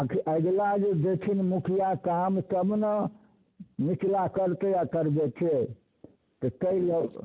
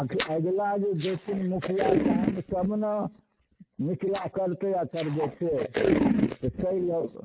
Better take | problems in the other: first | noise reduction (neural mask model RNNoise)

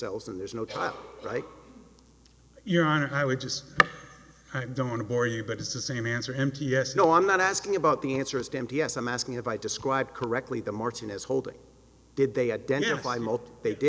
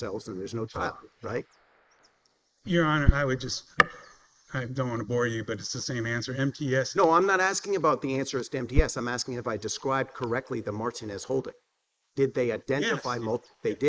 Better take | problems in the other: first | noise reduction (neural mask model Resemble Enhance denoiser)

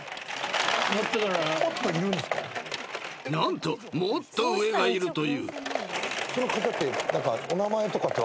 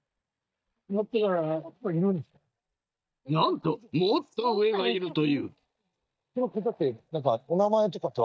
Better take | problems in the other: first | noise reduction (neural mask model DeepFilterNet 3)

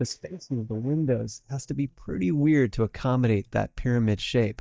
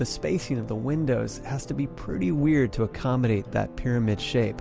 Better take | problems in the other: second | noise reduction (neural mask model DeepFilterNet 3)

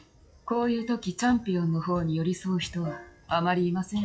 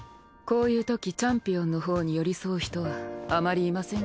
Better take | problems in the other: second | noise reduction (classical method WPE with log-MMSE)

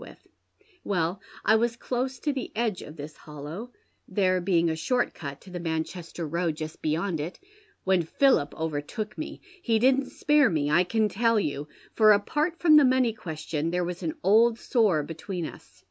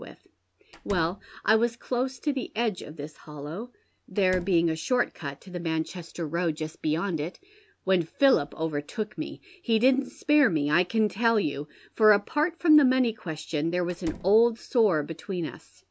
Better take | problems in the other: first | background sound (Slam); 17 dB below the speech

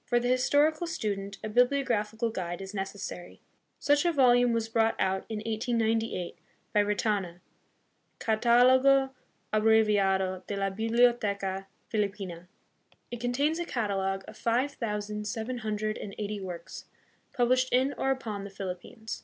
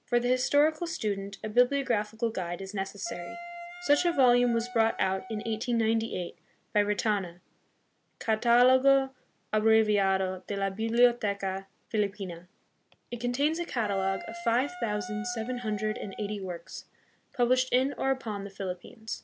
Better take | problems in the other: first | background sound (Wind instrument, woodwind instrument); 13 dB below the speech

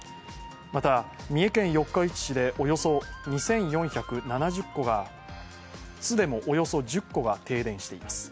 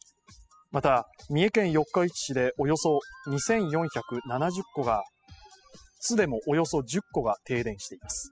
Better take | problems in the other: first | noise reduction (classical method spectral subtraction)

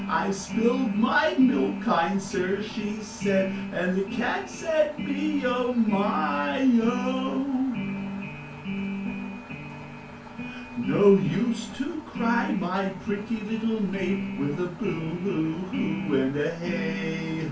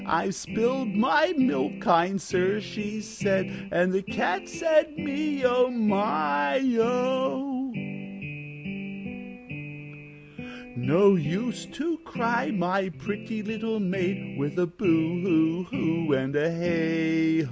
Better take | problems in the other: second | background sound (Engine); 17 dB below the speech // room echo; dies away in 0.3 s

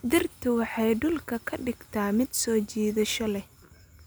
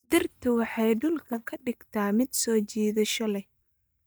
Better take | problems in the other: first | noise reduction (neural mask model DeepFilterNet 3)

